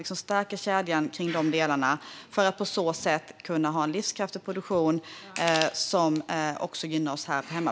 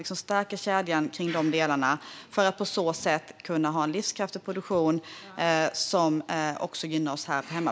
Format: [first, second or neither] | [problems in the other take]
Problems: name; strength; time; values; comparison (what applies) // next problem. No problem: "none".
second | background sound (Crushing); 12 dB below the speech